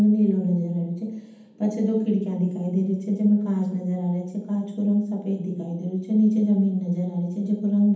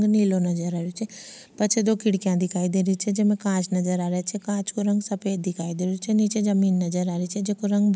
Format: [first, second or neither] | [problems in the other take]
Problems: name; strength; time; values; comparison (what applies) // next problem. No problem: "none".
second | room echo; dies away in 0.8 s